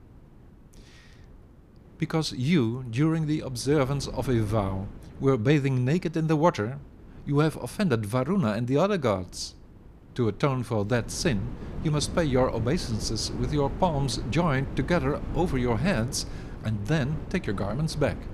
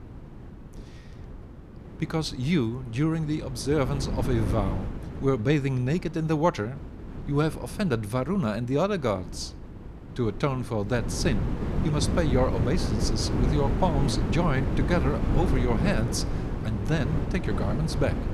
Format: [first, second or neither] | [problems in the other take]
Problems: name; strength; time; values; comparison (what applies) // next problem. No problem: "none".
first | wind noise on the microphone; heavy; 7 dB below the speech; occasional gusts in the first